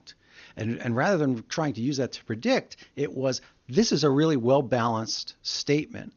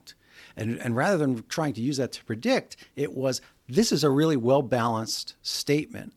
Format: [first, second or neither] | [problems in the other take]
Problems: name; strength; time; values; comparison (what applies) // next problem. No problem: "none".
second | garbled, watery; slightly; nothing above 6.5 kHz